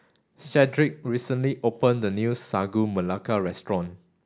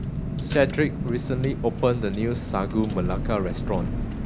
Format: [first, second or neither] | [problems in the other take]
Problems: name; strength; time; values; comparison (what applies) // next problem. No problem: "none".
first | background sound (Car); 3 dB below the speech